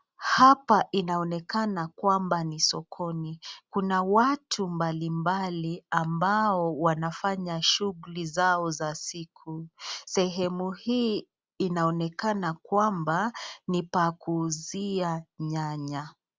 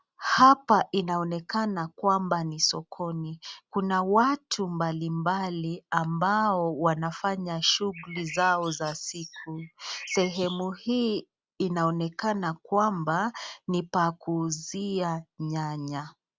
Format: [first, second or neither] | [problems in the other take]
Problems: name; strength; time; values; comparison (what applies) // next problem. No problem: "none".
first | background sound (Bird); 15 dB below the speech